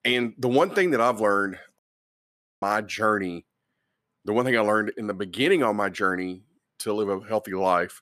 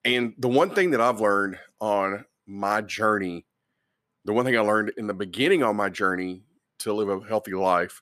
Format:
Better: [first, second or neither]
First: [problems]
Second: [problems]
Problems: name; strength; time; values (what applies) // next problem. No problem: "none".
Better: second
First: audio cutting out; at 2 s for 1 s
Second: none